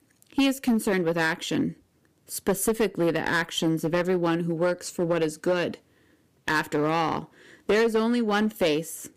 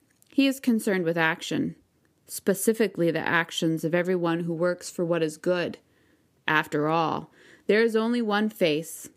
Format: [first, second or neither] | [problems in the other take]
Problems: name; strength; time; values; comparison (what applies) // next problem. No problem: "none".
second | distortion; slight; 6% of the sound clipped